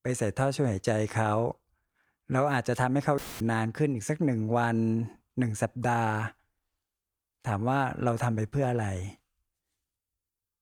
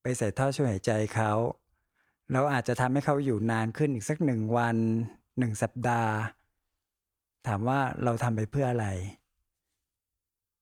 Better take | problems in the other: second | audio cutting out; filled with static; at 3 s

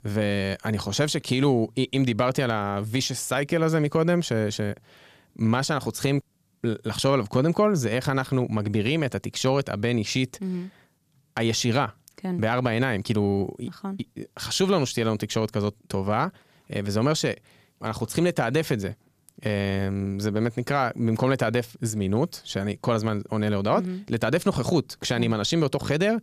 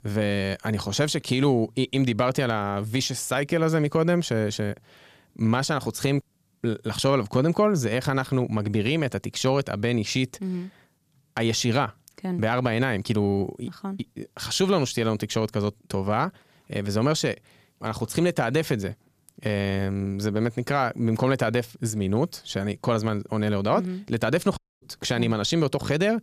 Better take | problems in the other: first | audio cutting out; at 25 s

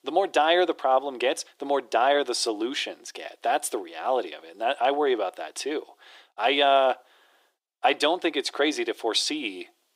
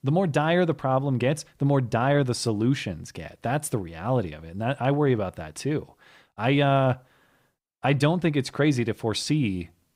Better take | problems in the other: second | thin; very; fading below 350 Hz

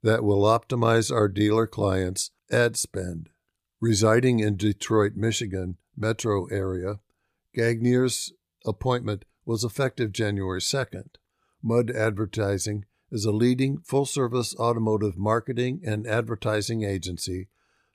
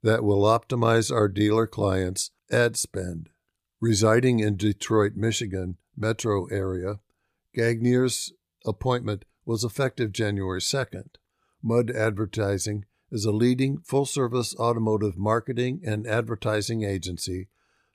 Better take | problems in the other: neither | none

